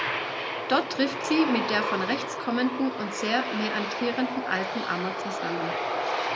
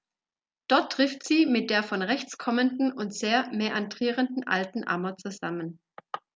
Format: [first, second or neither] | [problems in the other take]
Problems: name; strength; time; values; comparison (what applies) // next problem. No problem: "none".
second | background sound (Aircraft); 2 dB below the speech